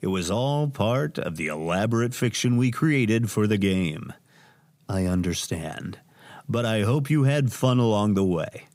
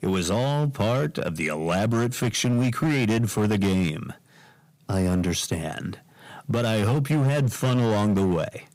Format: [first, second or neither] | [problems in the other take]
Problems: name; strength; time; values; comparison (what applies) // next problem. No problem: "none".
first | distortion; slight; 13% of the sound clipped